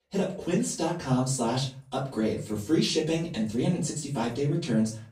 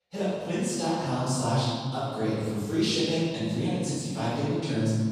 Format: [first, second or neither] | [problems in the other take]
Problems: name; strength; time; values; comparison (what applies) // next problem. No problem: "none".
first | room echo; strong; dies away in 1.5 s; slight in the first // off-mic speech; far; far in the first